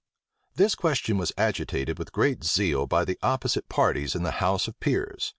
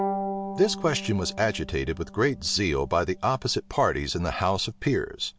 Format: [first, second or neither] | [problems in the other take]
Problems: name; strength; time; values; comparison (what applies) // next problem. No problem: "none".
first | background sound (Bowed string instrument); 10 dB below the speech